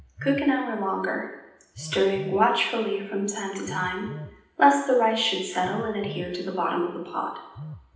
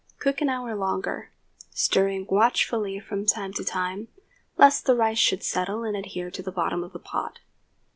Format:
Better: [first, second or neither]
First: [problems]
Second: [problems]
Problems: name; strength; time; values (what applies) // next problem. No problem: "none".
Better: second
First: background sound (Telephone); 17 dB below the speech // room echo; dies away in 0.9 s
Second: none